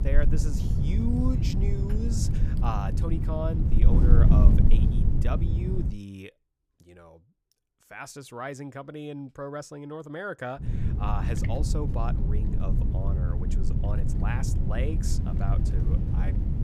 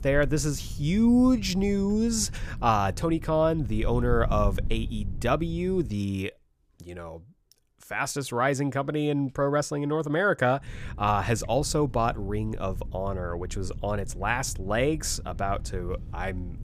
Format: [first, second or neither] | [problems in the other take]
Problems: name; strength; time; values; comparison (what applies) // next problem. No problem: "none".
second | wind noise on the microphone; heavy; until 6 s and from 11 s on; 2 dB below the speech; occasional gusts in the second